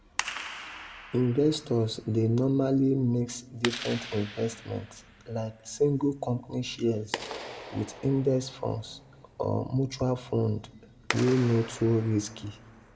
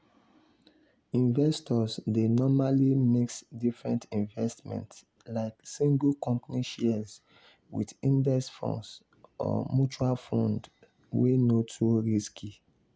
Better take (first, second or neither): second